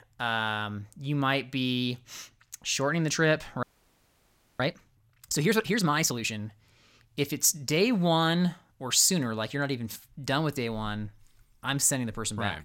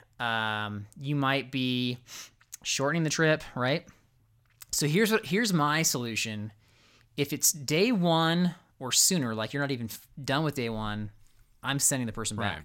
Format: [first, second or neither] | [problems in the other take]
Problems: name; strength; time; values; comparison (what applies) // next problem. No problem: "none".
second | audio freezing; at 3.5 s for 1 s